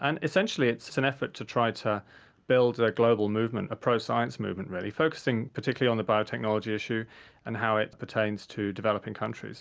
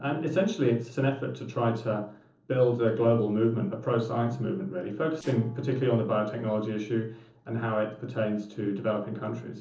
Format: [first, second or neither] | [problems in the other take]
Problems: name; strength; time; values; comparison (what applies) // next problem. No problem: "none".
first | noise reduction (neural separator model SepFormer DNS4)